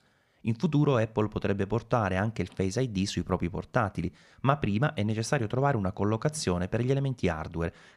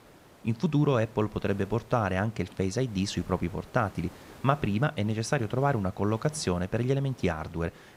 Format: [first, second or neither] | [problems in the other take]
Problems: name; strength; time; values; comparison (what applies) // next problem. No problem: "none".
first | hiss; faint; throughout; 25 dB below the speech